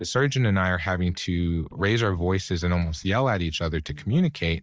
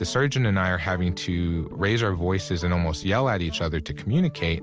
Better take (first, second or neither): second